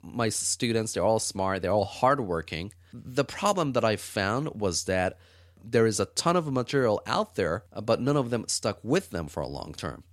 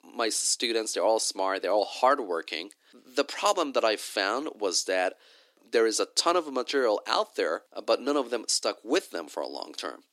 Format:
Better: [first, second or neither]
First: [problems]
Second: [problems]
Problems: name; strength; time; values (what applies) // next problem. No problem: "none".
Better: first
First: none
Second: thin; somewhat; fading below 300 Hz